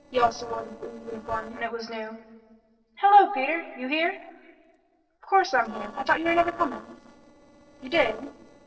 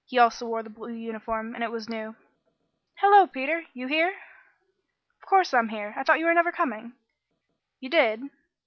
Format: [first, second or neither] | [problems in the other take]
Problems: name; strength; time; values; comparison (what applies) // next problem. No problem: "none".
second | noise reduction (neural separator model SepFormer DNS4)